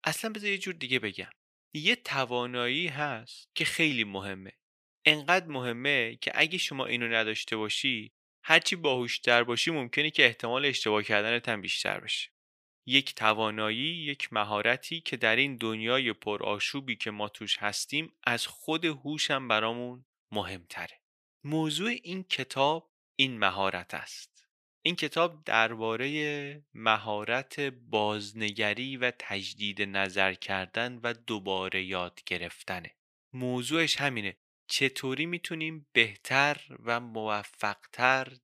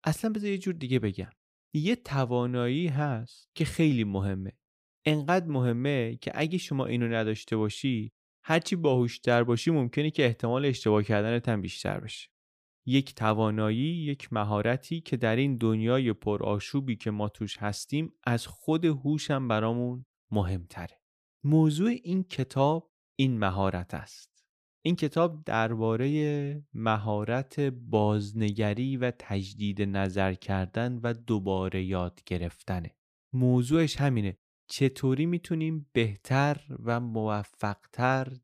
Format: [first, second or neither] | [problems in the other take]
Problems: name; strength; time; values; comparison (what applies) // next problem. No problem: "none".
second | thin; somewhat; fading below 950 Hz